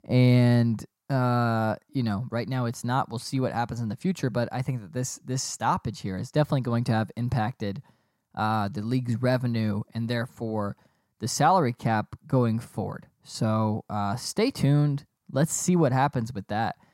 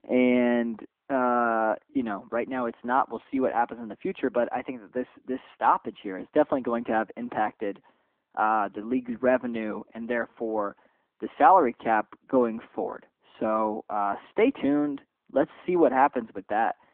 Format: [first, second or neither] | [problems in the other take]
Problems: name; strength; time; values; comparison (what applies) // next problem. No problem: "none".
first | phone-call audio